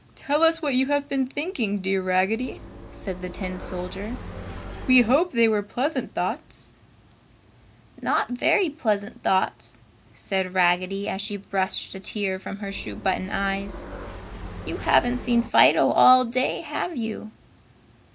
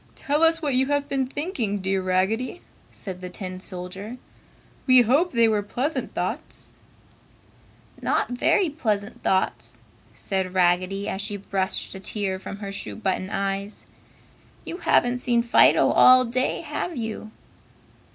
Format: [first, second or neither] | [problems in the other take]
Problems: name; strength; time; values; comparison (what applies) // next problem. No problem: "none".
second | background sound (Motorcycle); 11 dB below the speech